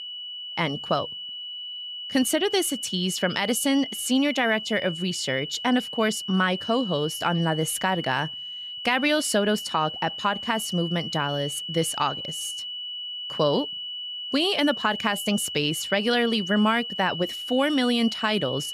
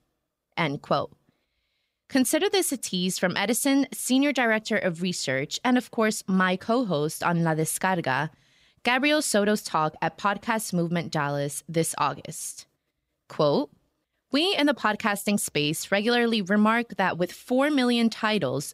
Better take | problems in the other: second | high-pitched whine; loud; throughout; 3 kHz, 7 dB below the speech

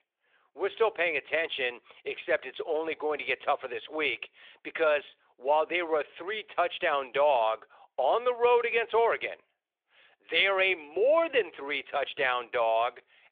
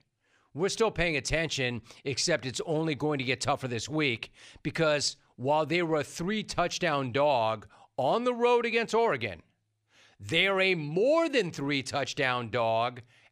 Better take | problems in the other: second | phone-call audio; nothing above 3.5 kHz

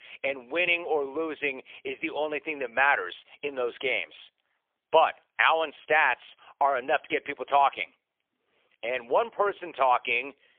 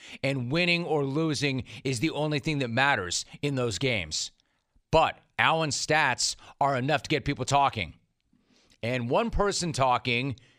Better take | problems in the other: second | phone-call audio; poor line

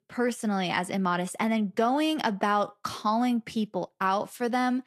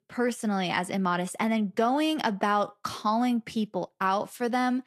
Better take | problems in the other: neither | garbled, watery; slightly; nothing above 14 kHz; the same in both

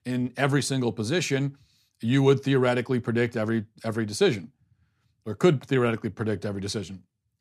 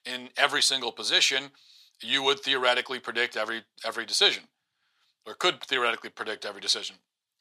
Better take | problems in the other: first | thin; very; fading below 850 Hz

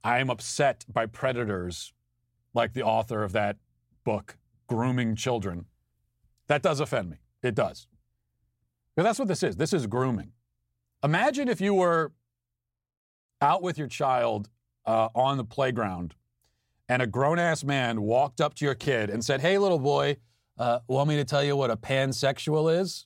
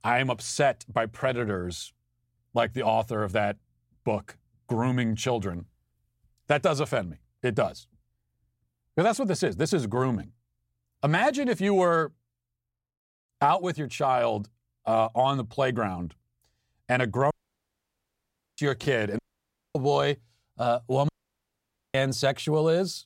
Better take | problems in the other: first | audio cutting out; at 17 s for 1.5 s, at 19 s for 0.5 s and at 21 s for 1 s

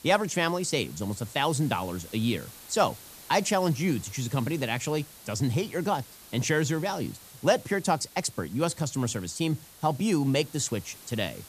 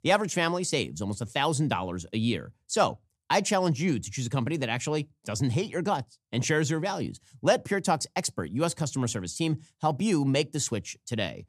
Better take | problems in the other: second | hiss; noticeable; throughout; 20 dB below the speech

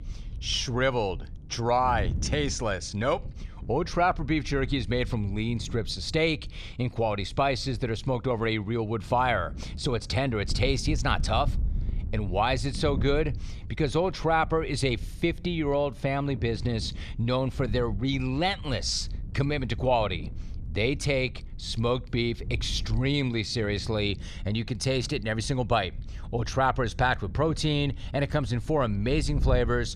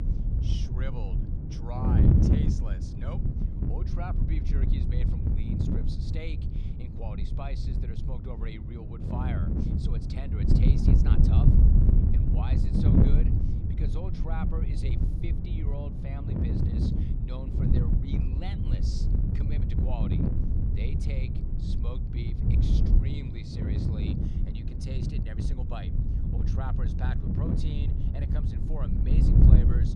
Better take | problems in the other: first | wind noise on the microphone; heavy; 5 dB above the speech; occasional gusts in the first

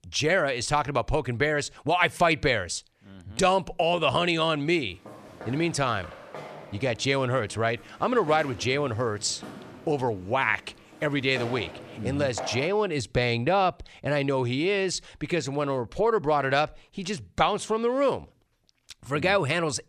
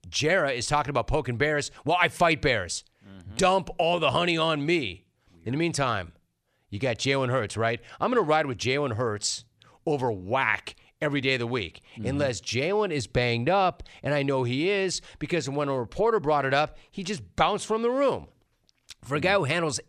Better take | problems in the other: second | footsteps; noticeable; from 5 to 13 s; peak 10 dB below the speech

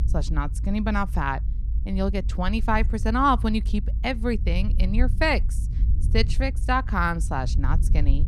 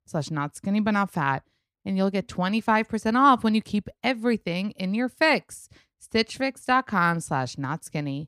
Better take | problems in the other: second | low rumble; noticeable; throughout; 20 dB below the speech

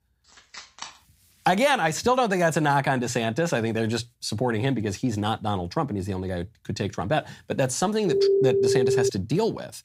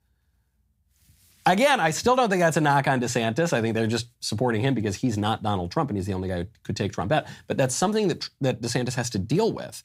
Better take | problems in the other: second | phone ringing; faint; at 0.5 s; peak 15 dB below the speech // phone ringing; loud; from 8 to 9 s; peak 5 dB above the speech

